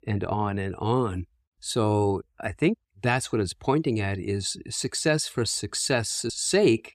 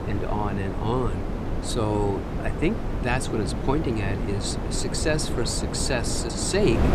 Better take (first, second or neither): first